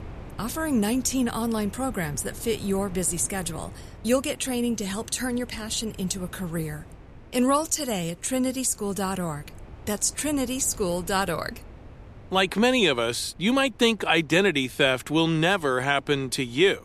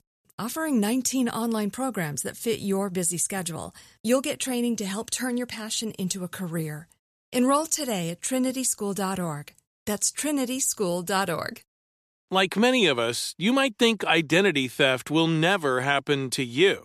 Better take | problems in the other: second | wind noise on the microphone; occasional gusts; 25 dB below the speech

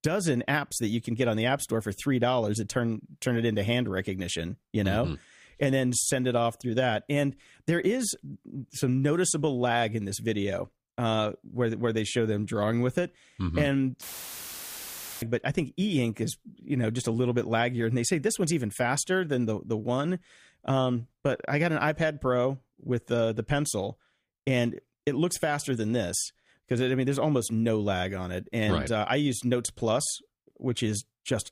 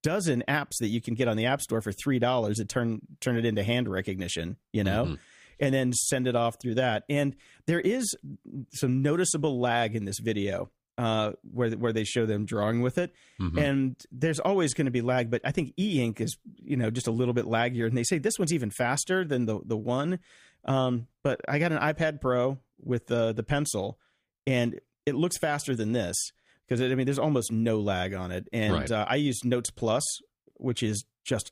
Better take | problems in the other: second | audio cutting out; filled with static; at 14 s for 1 s

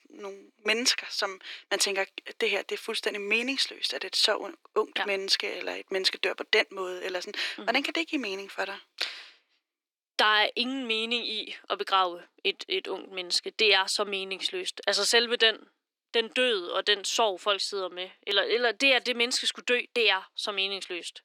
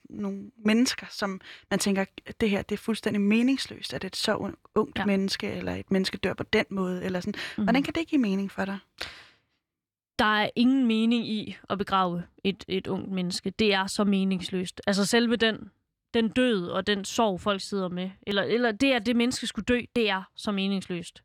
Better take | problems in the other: second | thin; very; fading below 350 Hz

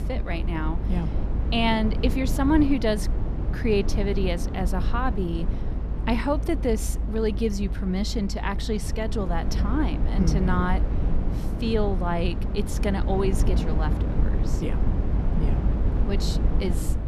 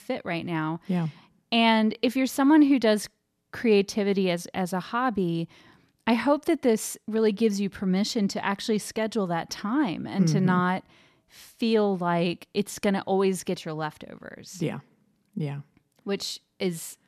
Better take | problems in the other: second | low rumble; loud; throughout; 9 dB below the speech

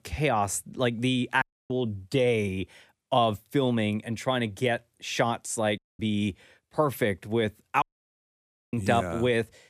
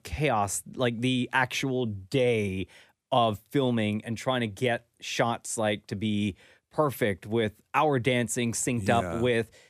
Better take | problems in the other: second | audio cutting out; at 1.5 s, at 6 s and at 8 s for 1 s

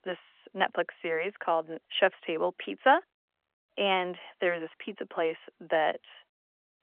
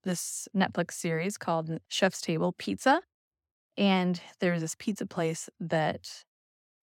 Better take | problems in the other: second | phone-call audio; nothing above 3 kHz

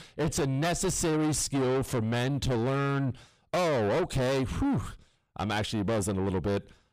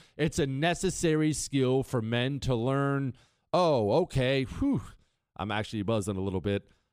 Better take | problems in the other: second | distortion; heavy; 6 dB below the speech

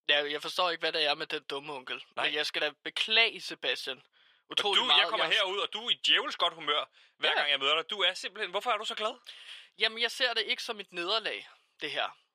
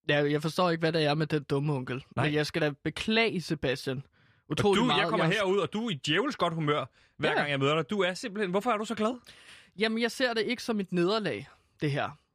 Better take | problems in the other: second | thin; very; fading below 650 Hz

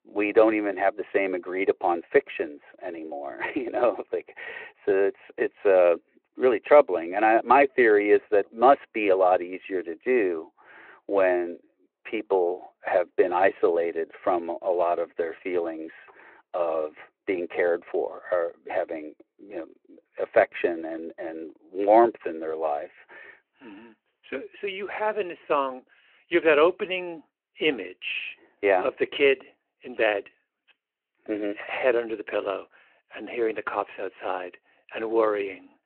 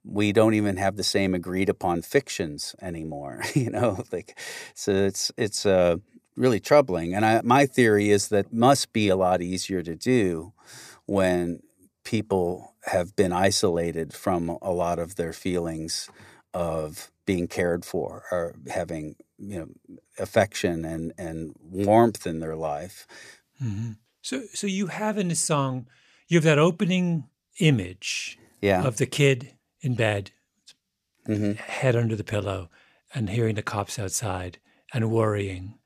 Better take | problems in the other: second | phone-call audio

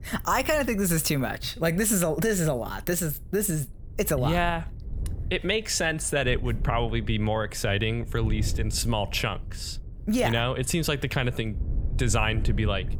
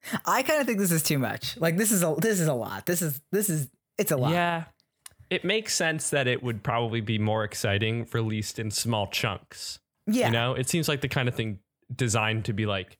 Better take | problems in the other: second | wind noise on the microphone; occasional gusts; 25 dB below the speech

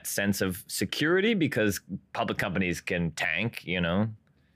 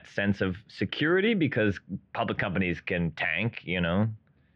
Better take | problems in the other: first | muffled; very; fading above 3.5 kHz

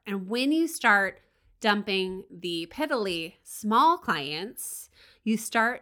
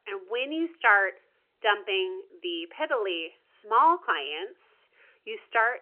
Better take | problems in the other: first | phone-call audio; nothing above 3 kHz

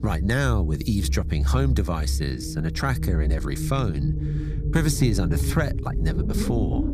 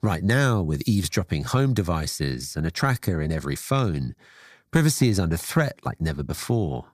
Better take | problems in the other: second | low rumble; loud; throughout; 9 dB below the speech

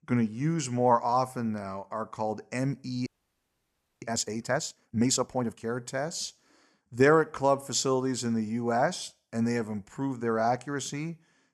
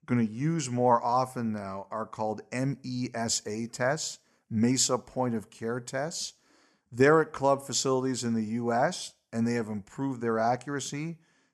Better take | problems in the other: second | audio freezing; at 3 s for 1 s

